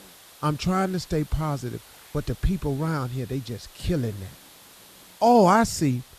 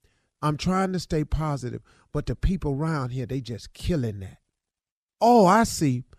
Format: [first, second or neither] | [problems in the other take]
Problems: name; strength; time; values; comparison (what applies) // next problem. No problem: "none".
second | hiss; faint; throughout; 20 dB below the speech